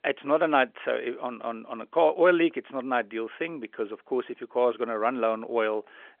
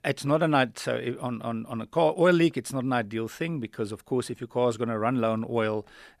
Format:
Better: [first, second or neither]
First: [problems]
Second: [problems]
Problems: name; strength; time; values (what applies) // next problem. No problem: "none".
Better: second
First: phone-call audio; nothing above 3.5 kHz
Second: none